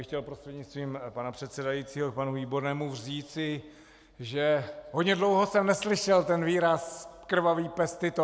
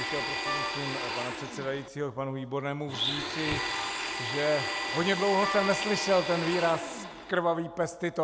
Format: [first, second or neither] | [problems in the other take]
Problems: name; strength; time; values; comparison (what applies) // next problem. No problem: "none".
first | background sound (Domestic sounds, home sounds + Wind instrument, woodwind instrument); 4 dB below the speech